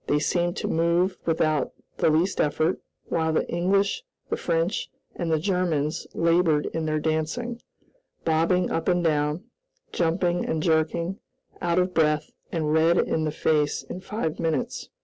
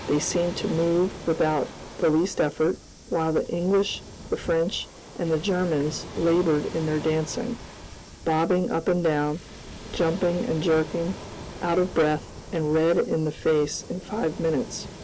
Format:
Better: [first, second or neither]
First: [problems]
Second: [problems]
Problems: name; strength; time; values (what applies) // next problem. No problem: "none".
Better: first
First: none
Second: background sound (Waves, surf); 14 dB below the speech